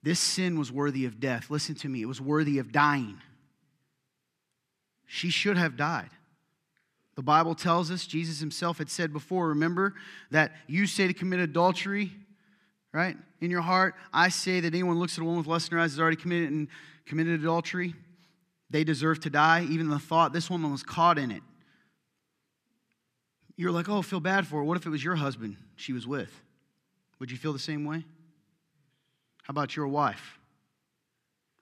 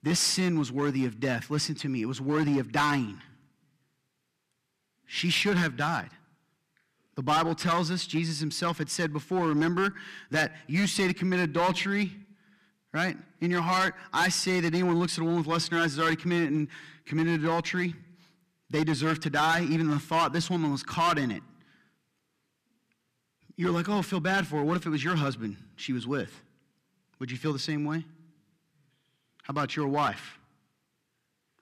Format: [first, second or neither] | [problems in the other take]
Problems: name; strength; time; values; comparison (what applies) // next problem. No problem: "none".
first | distortion; heavy; 6% of the sound clipped